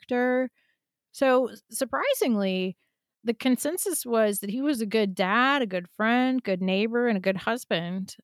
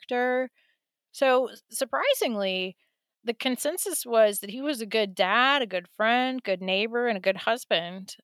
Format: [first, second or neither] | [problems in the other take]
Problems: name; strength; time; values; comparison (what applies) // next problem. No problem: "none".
first | thin; somewhat; fading below 900 Hz